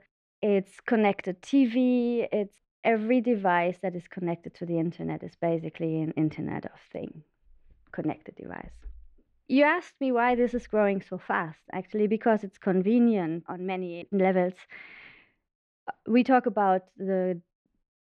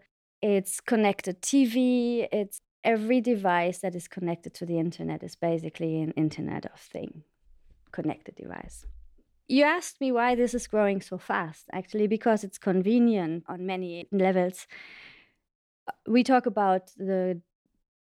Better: second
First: muffled; slightly; fading above 2 kHz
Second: none

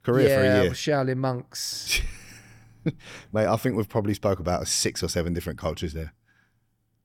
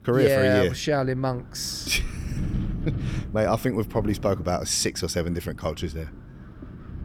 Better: first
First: none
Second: wind noise on the microphone; occasional gusts; 20 dB below the speech

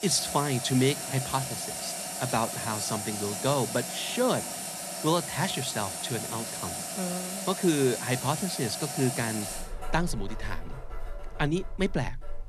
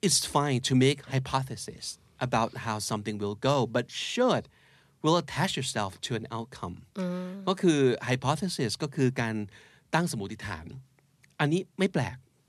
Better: second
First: household noises; loud; throughout; 4 dB below the speech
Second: none

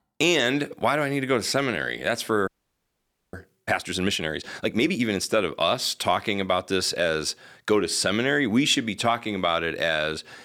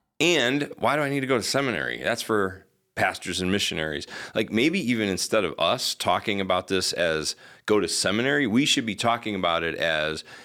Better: second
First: audio freezing; at 2.5 s for 1 s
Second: none

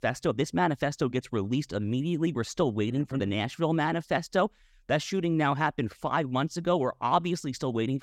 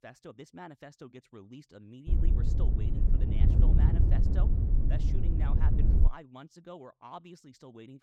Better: first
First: none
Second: wind noise on the microphone; heavy; from 2 to 6 s; 4 dB above the speech

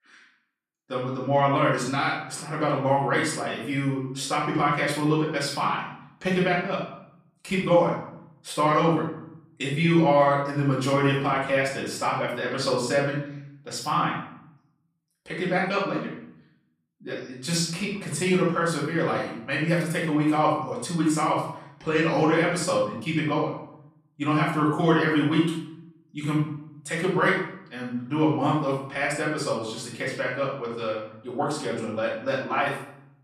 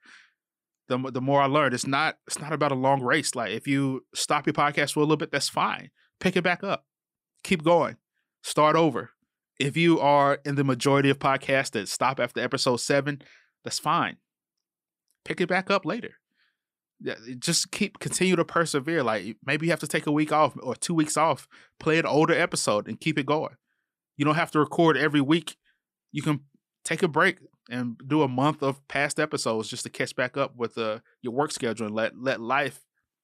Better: second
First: off-mic speech; far // room echo; noticeable; dies away in 0.6 s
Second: none

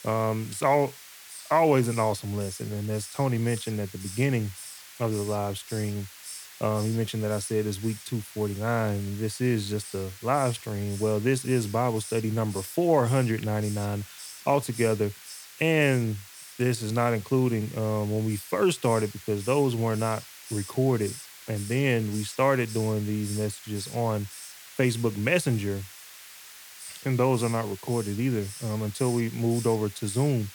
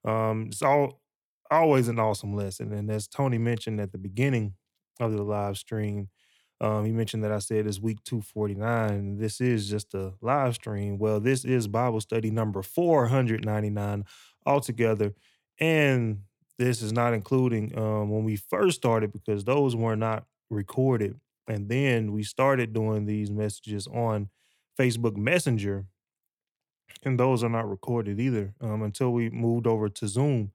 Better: second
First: hiss; noticeable; throughout; 15 dB below the speech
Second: none

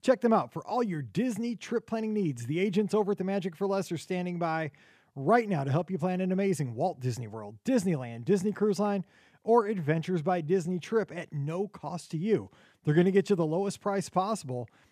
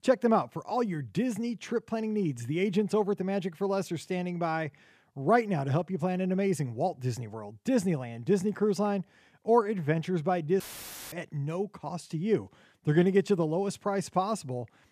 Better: first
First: none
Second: audio cutting out; filled with static; at 11 s for 0.5 s

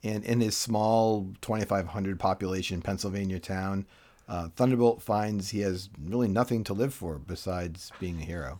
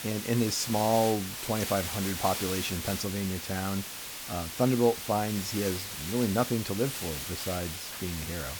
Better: first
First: none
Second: hiss; loud; throughout; 5 dB below the speech

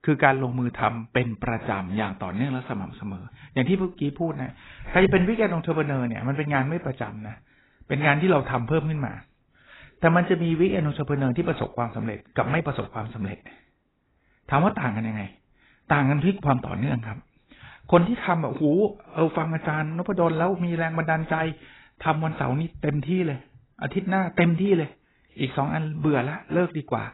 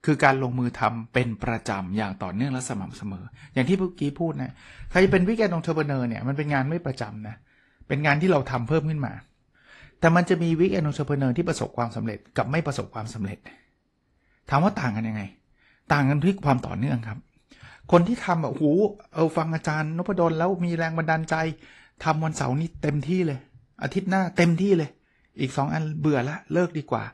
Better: second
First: garbled, watery; badly; nothing above 4 kHz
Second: garbled, watery; slightly

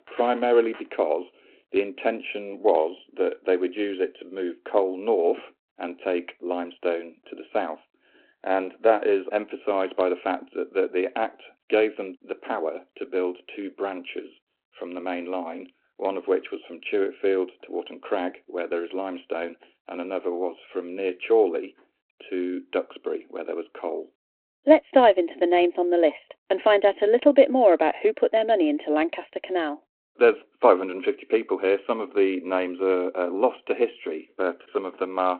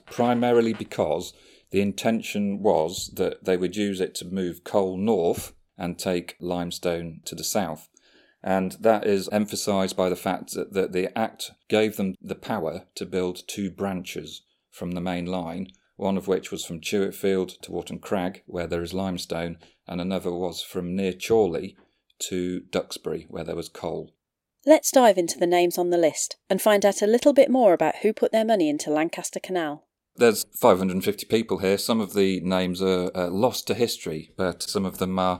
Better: second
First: phone-call audio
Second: none

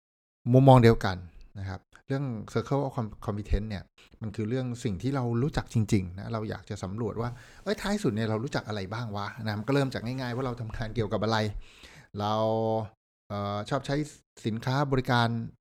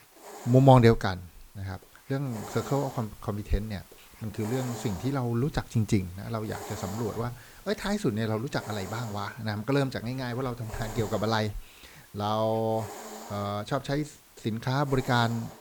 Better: first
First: none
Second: hiss; noticeable; throughout; 15 dB below the speech

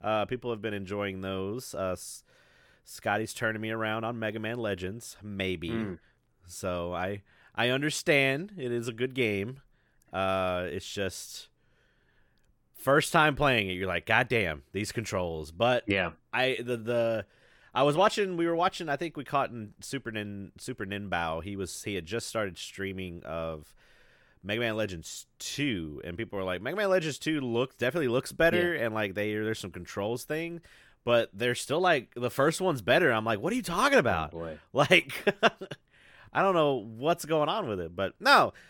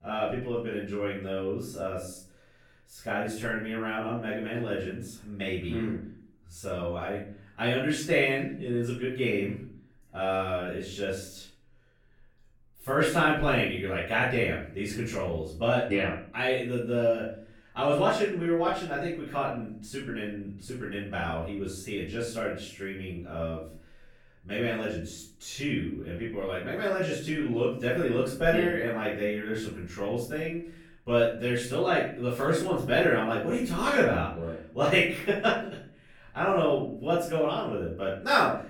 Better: first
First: none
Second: room echo; noticeable; dies away in 0.5 s // off-mic speech; far

